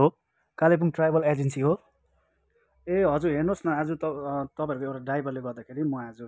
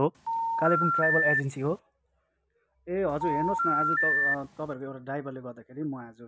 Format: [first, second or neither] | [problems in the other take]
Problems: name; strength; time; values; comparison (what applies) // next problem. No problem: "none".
first | background sound (Telephone); 4 dB above the speech